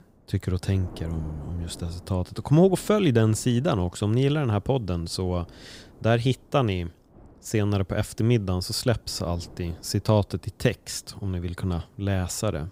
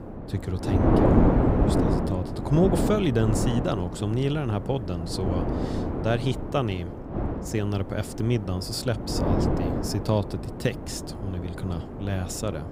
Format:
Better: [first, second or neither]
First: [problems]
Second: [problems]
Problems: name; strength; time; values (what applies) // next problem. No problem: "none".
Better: first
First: wind noise on the microphone; occasional gusts; 25 dB below the speech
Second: wind noise on the microphone; heavy; as loud as the speech